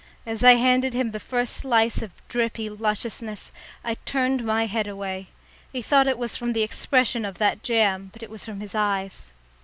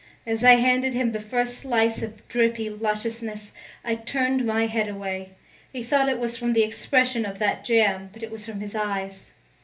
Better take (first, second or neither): first